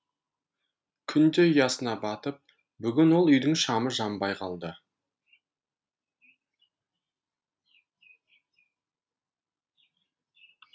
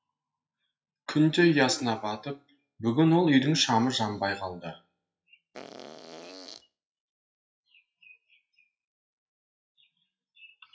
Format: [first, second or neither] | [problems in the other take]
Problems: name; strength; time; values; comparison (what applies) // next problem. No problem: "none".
first | noise reduction (classical method WPE with log-MMSE)